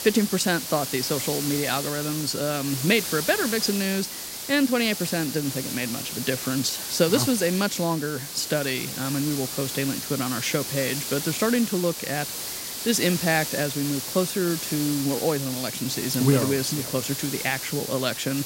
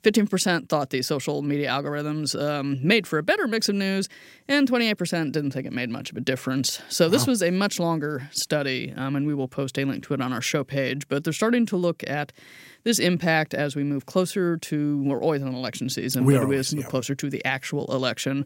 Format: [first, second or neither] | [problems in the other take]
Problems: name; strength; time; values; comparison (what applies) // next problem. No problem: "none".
second | hiss; loud; throughout; 4 dB below the speech